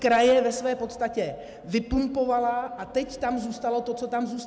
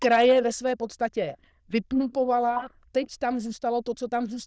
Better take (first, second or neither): first